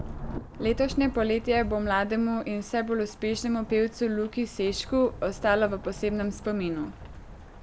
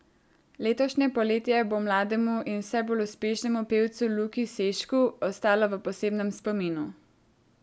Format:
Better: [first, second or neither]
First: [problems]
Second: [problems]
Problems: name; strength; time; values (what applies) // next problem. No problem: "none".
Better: second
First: background sound (Rain / Thunderstorm); 12 dB below the speech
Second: none